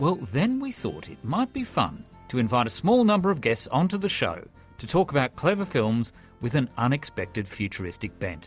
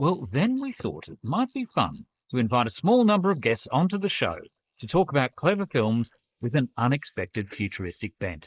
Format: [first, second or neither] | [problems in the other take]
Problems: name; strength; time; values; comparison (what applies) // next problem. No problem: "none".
first | noise reduction (neural mask model Resemble Enhance denoiser)